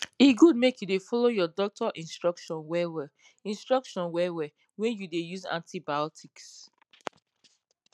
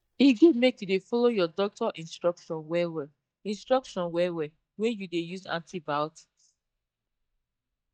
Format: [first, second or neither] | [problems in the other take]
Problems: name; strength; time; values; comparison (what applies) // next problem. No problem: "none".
first | noise reduction (neural mask model DeepFilterNet 3)